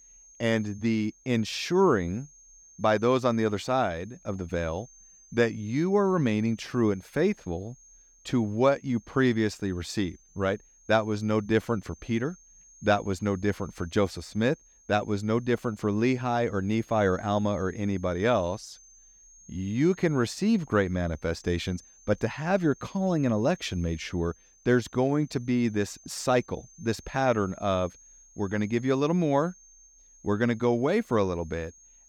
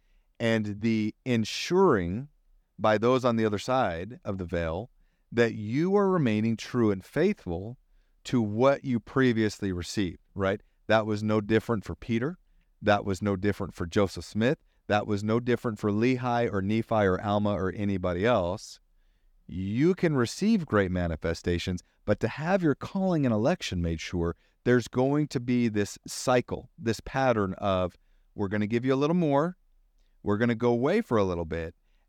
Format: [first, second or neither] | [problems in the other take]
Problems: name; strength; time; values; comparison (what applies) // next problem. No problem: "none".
second | high-pitched whine; faint; throughout; 6.5 kHz, 25 dB below the speech